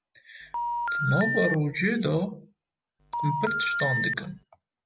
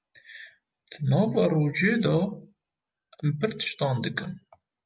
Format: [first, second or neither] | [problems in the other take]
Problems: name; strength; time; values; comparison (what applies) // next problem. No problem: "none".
second | background sound (Telephone); as loud as the speech